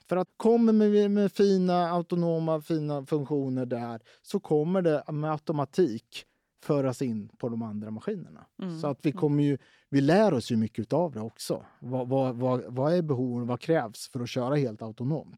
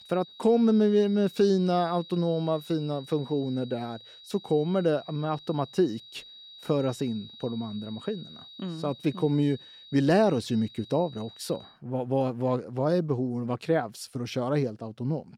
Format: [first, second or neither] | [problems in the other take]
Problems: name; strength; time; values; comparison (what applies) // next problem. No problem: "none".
first | high-pitched whine; noticeable; until 12 s; 4 kHz, 20 dB below the speech